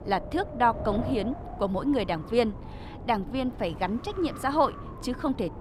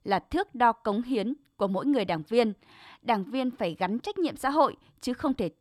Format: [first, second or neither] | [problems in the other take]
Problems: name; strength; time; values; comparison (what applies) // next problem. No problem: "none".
second | wind noise on the microphone; occasional gusts; 15 dB below the speech